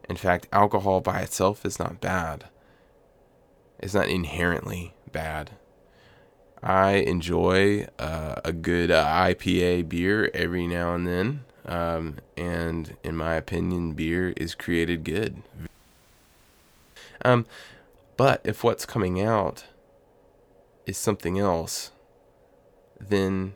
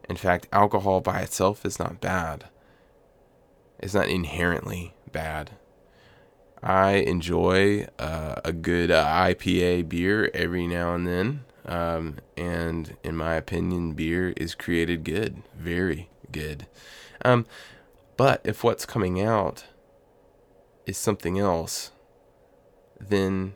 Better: second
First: audio cutting out; at 16 s for 1.5 s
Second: none

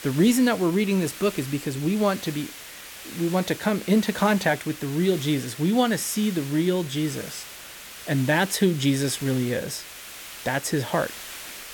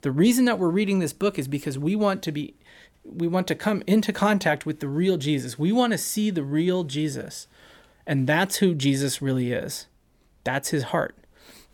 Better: second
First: hiss; noticeable; throughout; 15 dB below the speech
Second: none

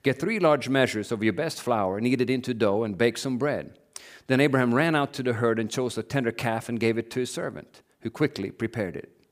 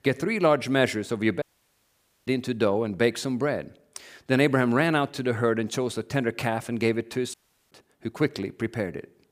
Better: first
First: none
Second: audio cutting out; at 1.5 s for 1 s and at 7.5 s

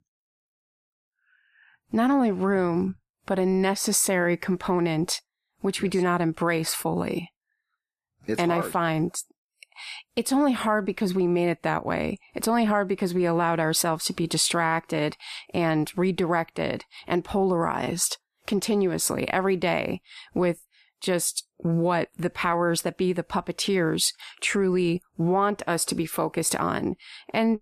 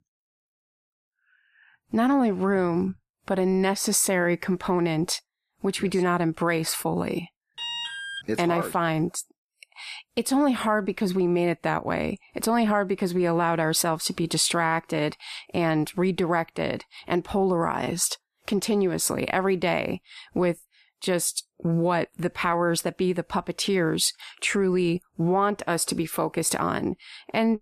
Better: first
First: none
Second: alarm; noticeable; at 7.5 s; peak 5 dB below the speech

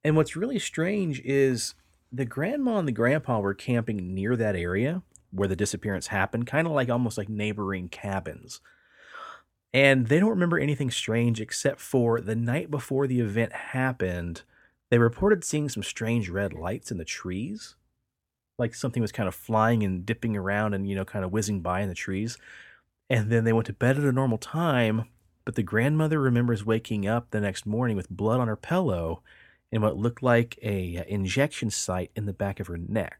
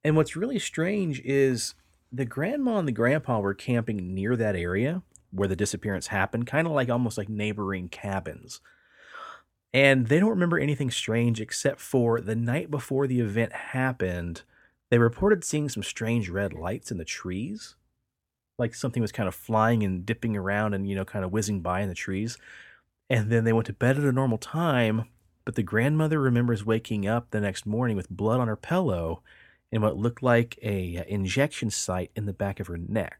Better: neither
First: none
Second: none

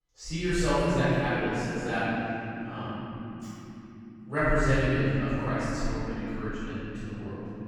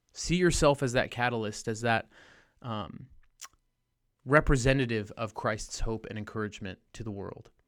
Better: second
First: off-mic speech; far // room echo; strong; dies away in 3 s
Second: none

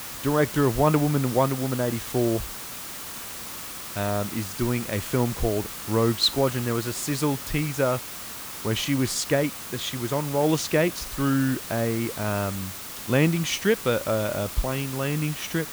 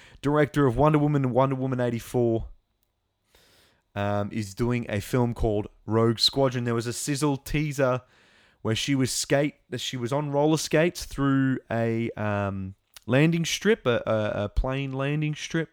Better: second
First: hiss; loud; throughout; 9 dB below the speech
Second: none

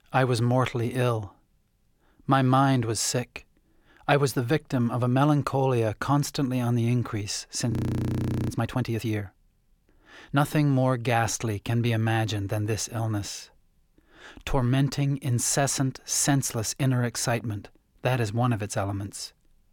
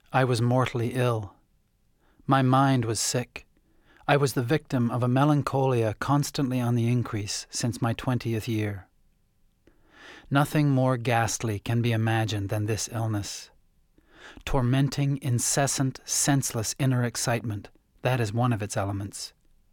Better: second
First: audio freezing; at 7.5 s for 1 s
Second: none

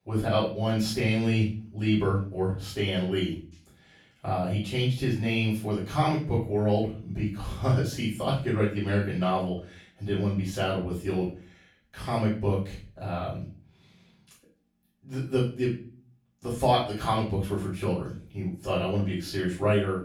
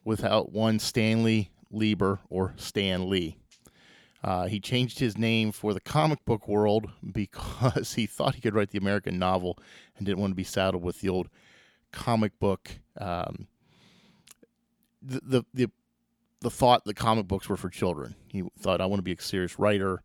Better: second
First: off-mic speech; far // room echo; noticeable; dies away in 0.4 s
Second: none

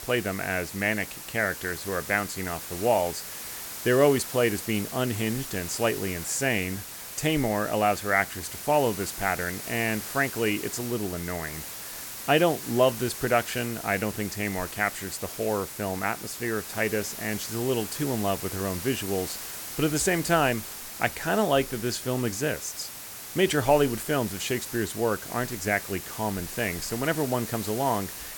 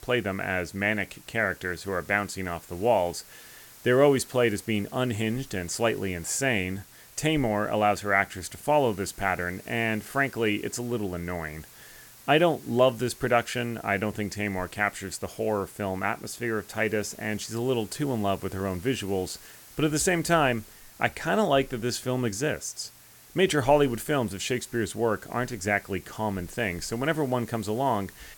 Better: second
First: hiss; loud; throughout; 8 dB below the speech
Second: hiss; faint; throughout; 20 dB below the speech

